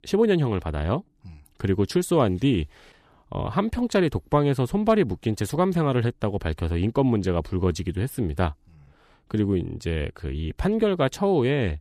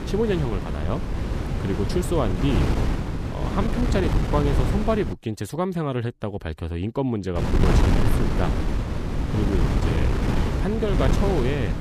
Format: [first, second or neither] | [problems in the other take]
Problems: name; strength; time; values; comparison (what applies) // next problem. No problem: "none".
first | wind noise on the microphone; heavy; until 5 s and from 7.5 s on; 2 dB below the speech